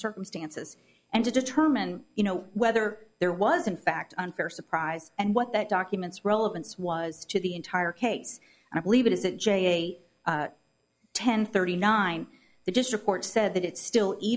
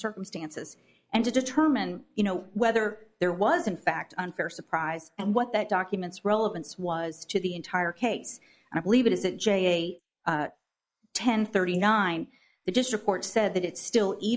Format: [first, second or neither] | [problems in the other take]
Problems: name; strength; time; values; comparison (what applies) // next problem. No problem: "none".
first | noise reduction (neural mask model Resemble Enhance denoiser)